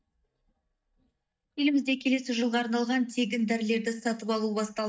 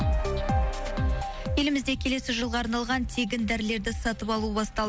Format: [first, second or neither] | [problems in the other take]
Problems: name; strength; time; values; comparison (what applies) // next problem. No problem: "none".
second | noise reduction (neural mask model DeepFilterNet 3)